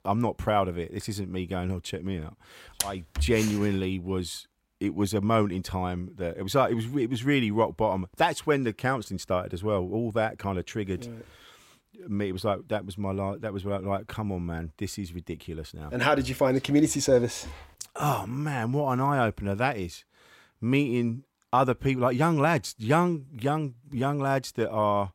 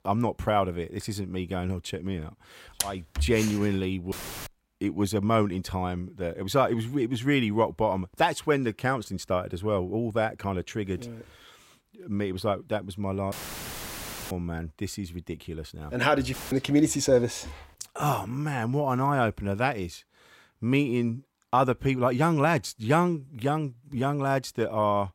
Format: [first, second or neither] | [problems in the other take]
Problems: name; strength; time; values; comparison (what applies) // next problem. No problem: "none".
first | audio cutting out; filled with static; at 4 s, at 13 s for 1 s and at 16 s